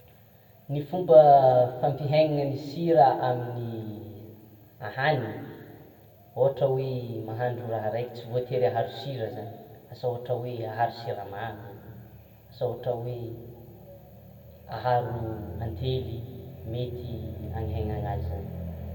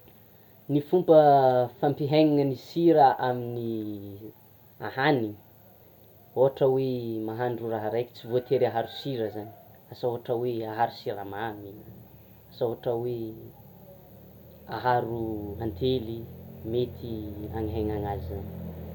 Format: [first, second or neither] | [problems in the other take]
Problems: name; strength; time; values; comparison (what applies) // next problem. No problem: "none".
second | room echo; dies away in 1.3 s